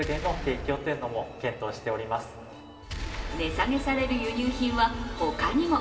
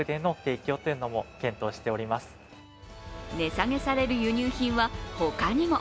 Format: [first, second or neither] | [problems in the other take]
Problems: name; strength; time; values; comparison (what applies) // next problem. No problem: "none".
second | background sound (Boom); 12 dB below the speech // room echo; dies away in 2.4 s